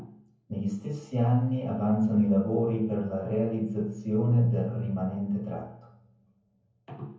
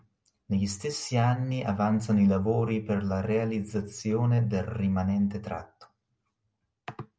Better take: second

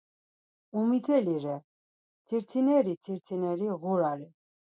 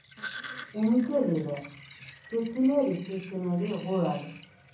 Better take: first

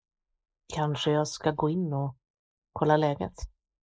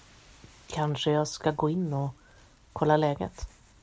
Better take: second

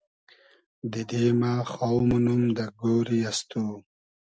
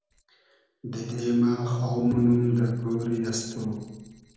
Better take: first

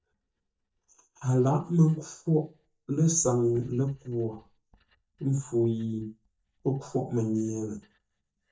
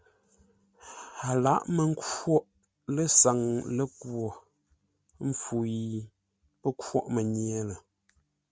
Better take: second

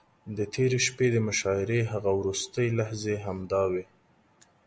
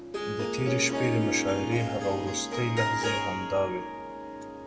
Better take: first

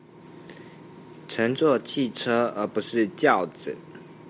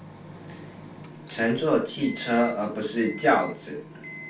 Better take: first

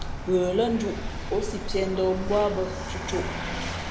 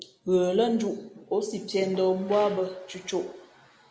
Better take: second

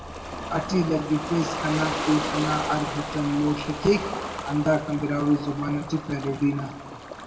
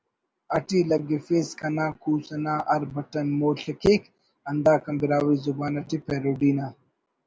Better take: second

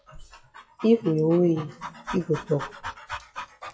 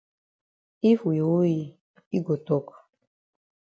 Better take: second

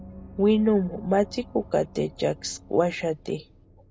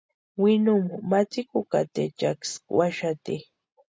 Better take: second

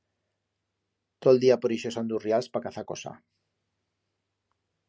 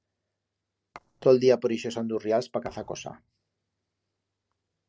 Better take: first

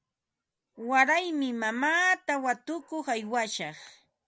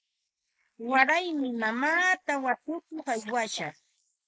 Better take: first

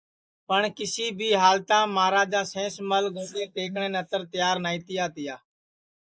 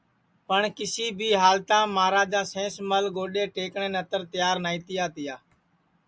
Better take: second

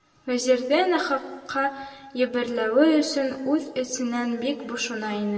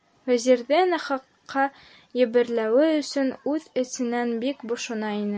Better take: second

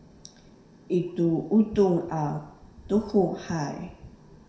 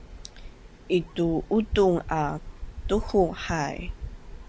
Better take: second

